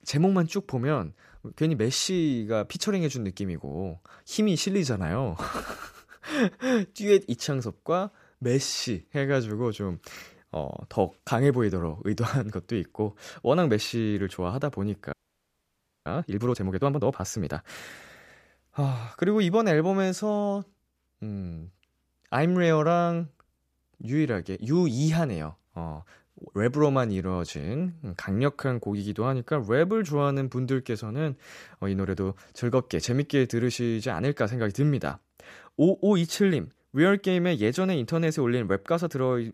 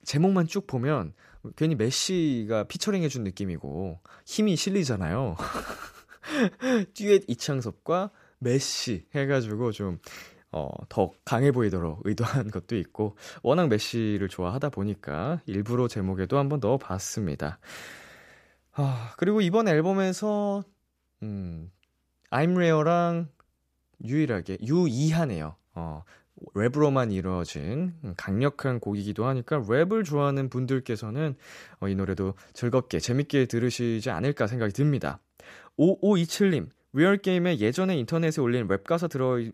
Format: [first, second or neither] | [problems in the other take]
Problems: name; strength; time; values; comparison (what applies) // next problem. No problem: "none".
second | audio freezing; at 15 s for 1 s